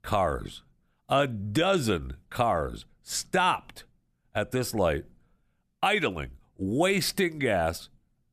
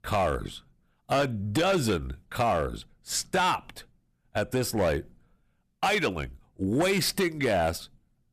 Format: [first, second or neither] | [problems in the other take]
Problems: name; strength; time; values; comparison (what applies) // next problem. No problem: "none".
first | distortion; slight; 6% of the sound clipped